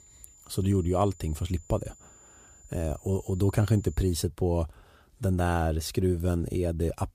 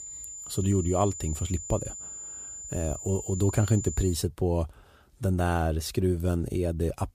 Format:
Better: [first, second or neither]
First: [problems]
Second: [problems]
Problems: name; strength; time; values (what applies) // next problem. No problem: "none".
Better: first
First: high-pitched whine; faint; until 4 s; 7 kHz, 25 dB below the speech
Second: high-pitched whine; loud; until 4 s; 7 kHz, 9 dB below the speech